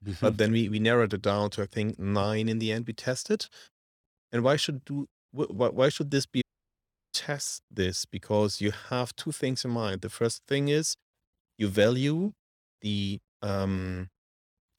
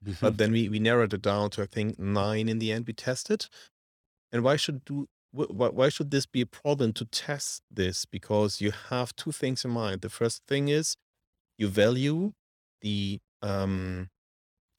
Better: second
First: audio cutting out; at 6.5 s for 0.5 s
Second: none

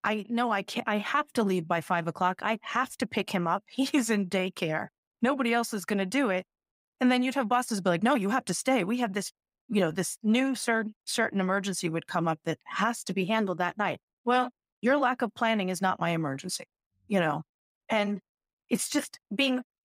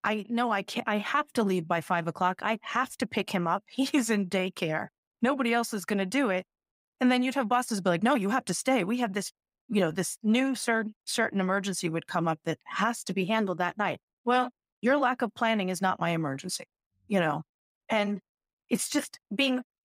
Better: neither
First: none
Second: none

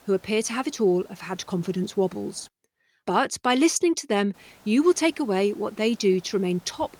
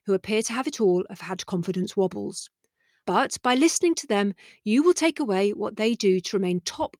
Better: second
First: hiss; faint; until 2.5 s and from 4.5 s on; 30 dB below the speech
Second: none

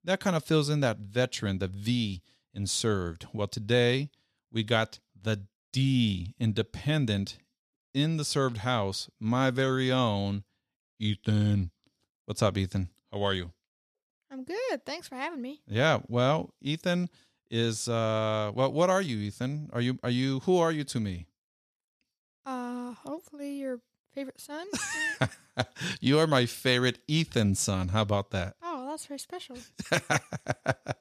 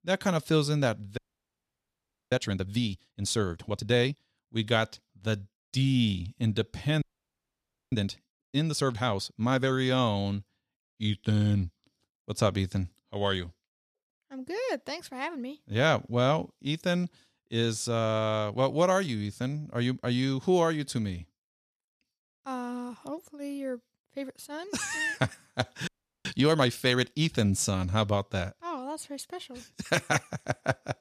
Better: first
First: none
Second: audio freezing; at 1 s for 1 s, at 7 s for 1 s and at 26 s

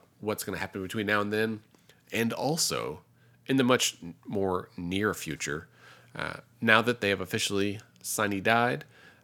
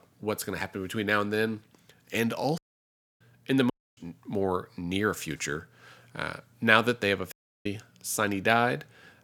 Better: first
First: none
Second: audio cutting out; at 2.5 s for 0.5 s, at 3.5 s and at 7.5 s

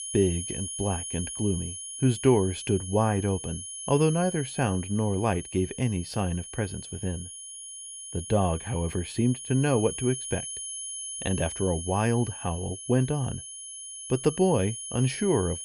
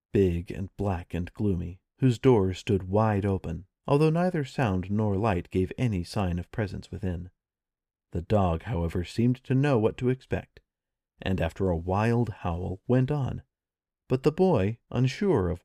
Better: second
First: high-pitched whine; loud; throughout; 10 kHz, 8 dB below the speech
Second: none

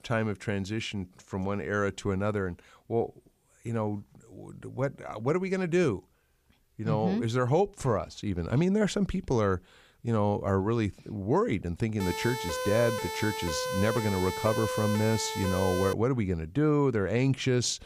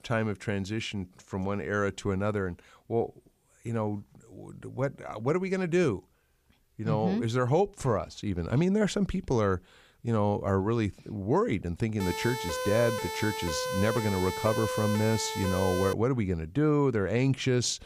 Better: neither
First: siren; noticeable; from 12 to 16 s; peak 3 dB below the speech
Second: siren; noticeable; from 12 to 16 s; peak 3 dB below the speech

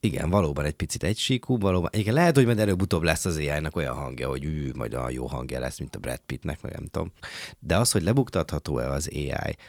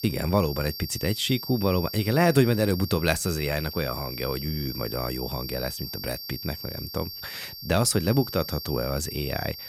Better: first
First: none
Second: high-pitched whine; loud; throughout; 4.5 kHz, 8 dB below the speech

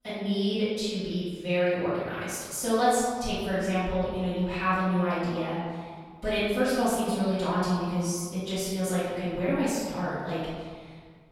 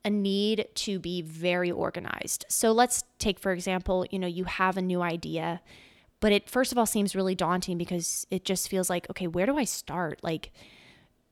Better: second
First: room echo; strong; dies away in 1.6 s // off-mic speech; far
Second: none

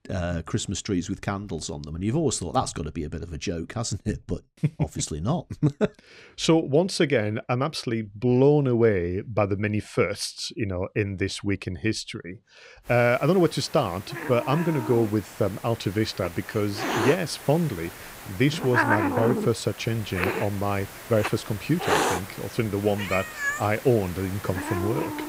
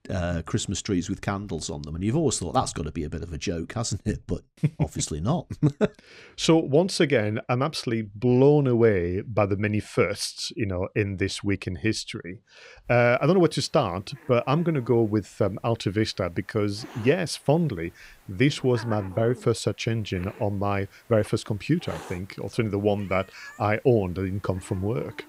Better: second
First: hiss; loud; from 13 s on; 4 dB below the speech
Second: hiss; faint; from 13 s on; 20 dB below the speech

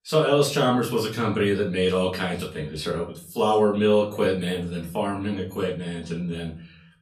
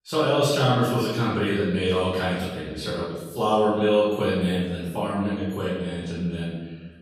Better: first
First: room echo; slight; dies away in 0.4 s // off-mic speech; far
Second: room echo; strong; dies away in 1.3 s // off-mic speech; far

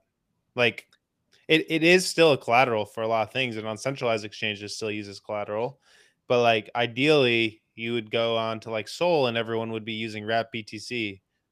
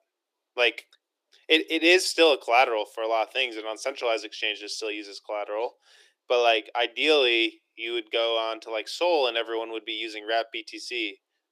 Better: first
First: none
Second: thin; very; fading below 300 Hz

